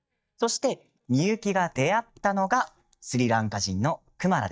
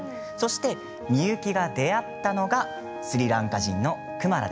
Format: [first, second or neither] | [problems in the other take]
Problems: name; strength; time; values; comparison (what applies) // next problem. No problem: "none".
second | noise reduction (neural mask model DeepFilterNet 3)